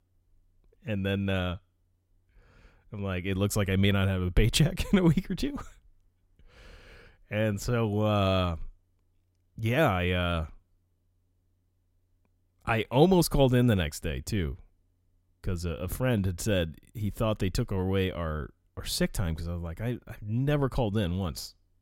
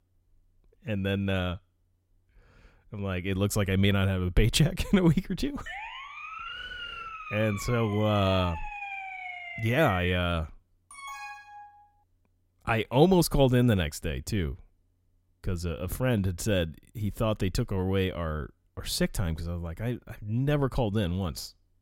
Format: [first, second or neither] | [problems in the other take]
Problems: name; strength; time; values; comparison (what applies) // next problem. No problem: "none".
first | siren; noticeable; from 5.5 to 10 s; peak 8 dB below the speech // alarm; faint; at 11 s; peak 10 dB below the speech